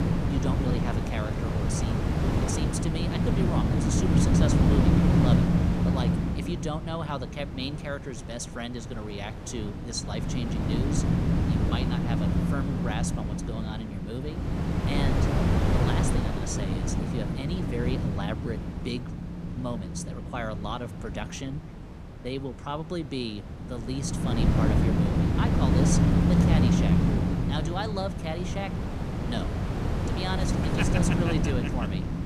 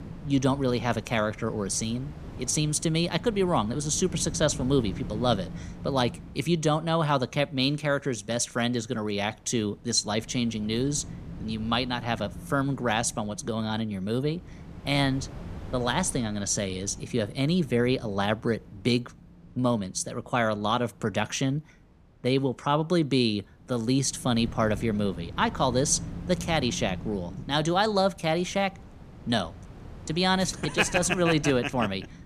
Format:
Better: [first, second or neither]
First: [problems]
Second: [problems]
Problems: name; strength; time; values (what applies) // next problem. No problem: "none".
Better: second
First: wind noise on the microphone; heavy; 2 dB above the speech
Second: wind noise on the microphone; occasional gusts; 20 dB below the speech